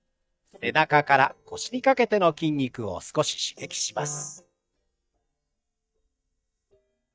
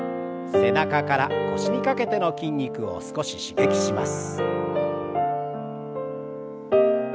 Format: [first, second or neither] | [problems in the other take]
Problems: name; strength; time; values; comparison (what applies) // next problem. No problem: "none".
second | noise reduction (neural mask model DeepFilterNet 3)